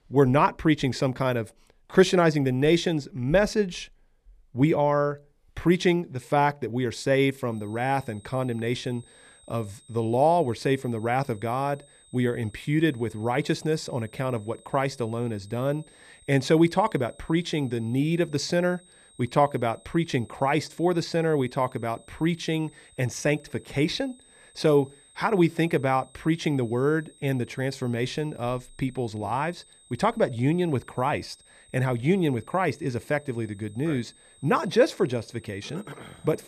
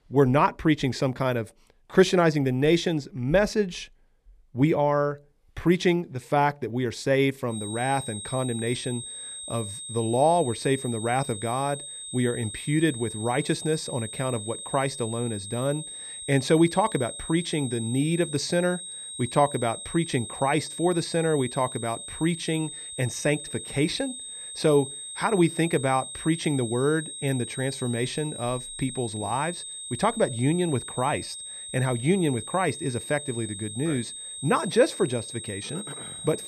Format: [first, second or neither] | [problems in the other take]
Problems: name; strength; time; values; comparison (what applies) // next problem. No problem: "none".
first | high-pitched whine; loud; from 7.5 s on; 8.5 kHz, 9 dB below the speech; faint in the first